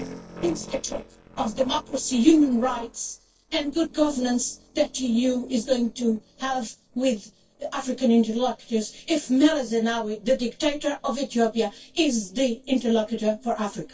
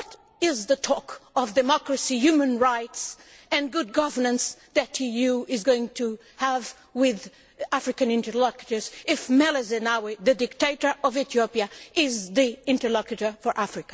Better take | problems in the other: second | noise reduction (neural separator model SepFormer DNS4)

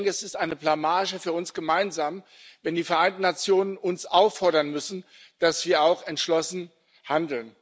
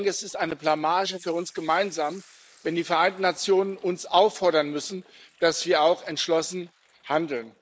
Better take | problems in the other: first | noise reduction (neural mask model Resemble Enhance denoiser)

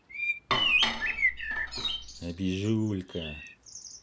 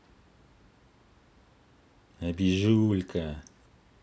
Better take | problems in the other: second | background sound (Bird + Dishes, pots, and pans); 4 dB above the speech

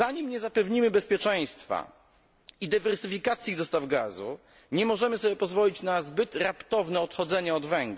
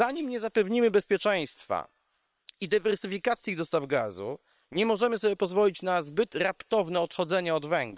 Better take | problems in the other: first | noise reduction (neural separator model SepFormer WHAM!)

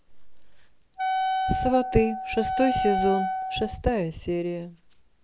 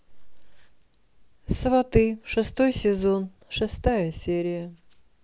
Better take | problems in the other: second | background sound (Wind instrument, woodwind instrument); as loud as the speech

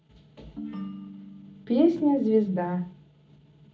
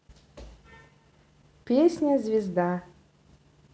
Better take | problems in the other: second | background sound (Ringtone); 15 dB below the speech // room echo; dies away in 0.4 s

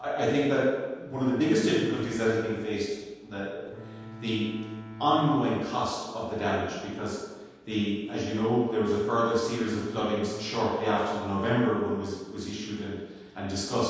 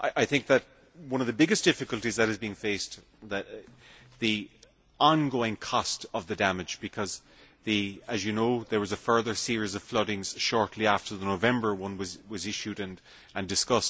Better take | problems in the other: second | background sound (Bowed string instrument); 14 dB below the speech // room echo; dies away in 1.2 s

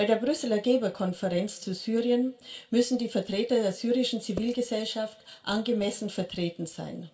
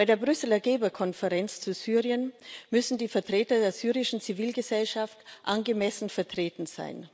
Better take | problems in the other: second | background sound (Percussion); 12 dB below the speech // room echo; dies away in 0.2 s

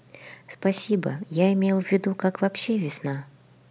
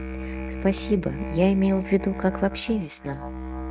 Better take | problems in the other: first | noise reduction (neural mask model RNNoise)

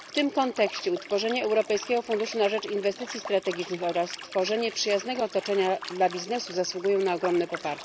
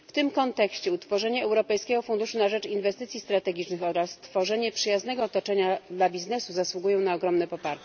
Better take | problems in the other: second | background sound (Liquid); 14 dB below the speech

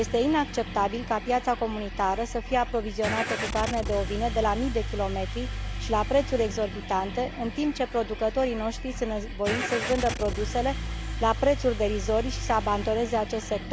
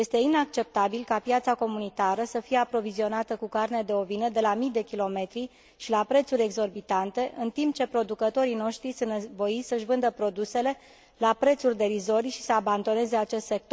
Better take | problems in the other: second | background sound (Engine starting / Car); 6 dB below the speech

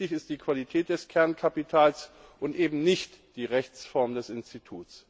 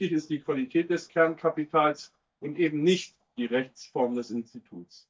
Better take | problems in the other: first | noise reduction (neural mask model DeepFilterNet 3)

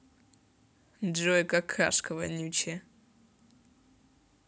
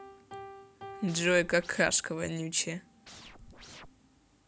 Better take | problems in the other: first | background sound (Scratching (performance technique) + Piano); 17 dB below the speech

